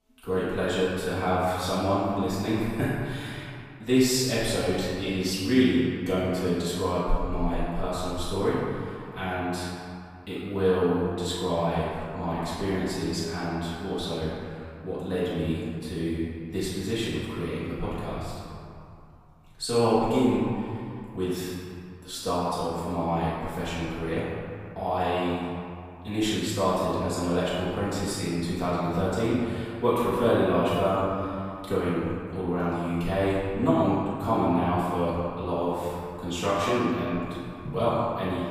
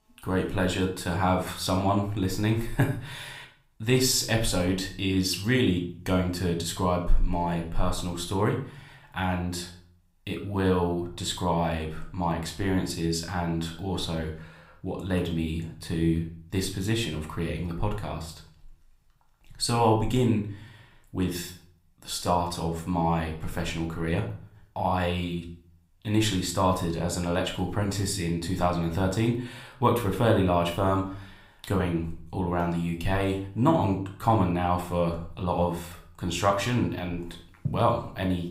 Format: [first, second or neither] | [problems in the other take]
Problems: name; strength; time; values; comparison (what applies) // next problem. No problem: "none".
second | room echo; strong; dies away in 2.3 s; slight in the second // off-mic speech; far; somewhat distant in the second